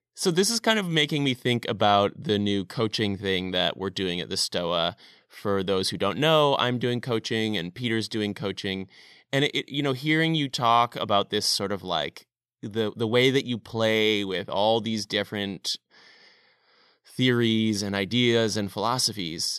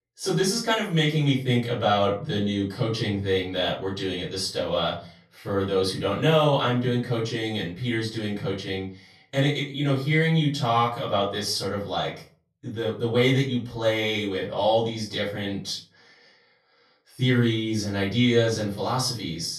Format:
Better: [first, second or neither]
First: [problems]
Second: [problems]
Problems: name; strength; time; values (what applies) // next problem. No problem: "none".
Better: first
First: none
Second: room echo; slight; dies away in 0.4 s // off-mic speech; far